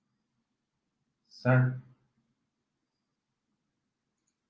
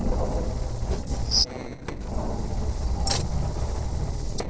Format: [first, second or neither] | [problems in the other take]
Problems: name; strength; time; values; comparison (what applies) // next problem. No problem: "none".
first | noise reduction (neural separator model SepFormer DNS4)